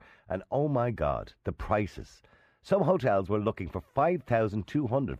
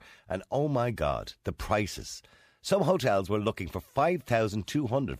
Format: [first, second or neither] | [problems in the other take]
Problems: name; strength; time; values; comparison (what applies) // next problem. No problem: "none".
second | muffled; slightly; fading above 3 kHz